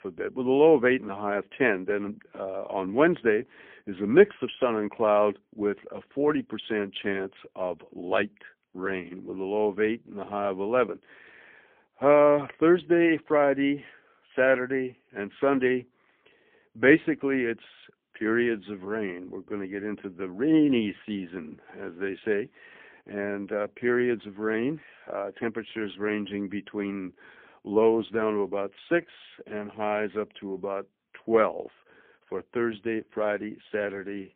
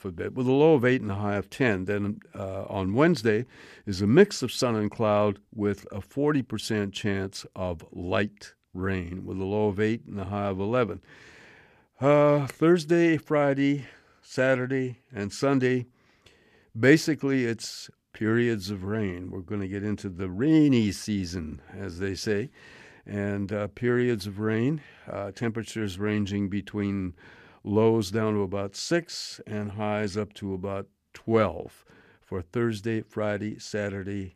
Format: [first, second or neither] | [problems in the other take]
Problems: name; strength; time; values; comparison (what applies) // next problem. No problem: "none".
second | phone-call audio; poor line; nothing above 3.5 kHz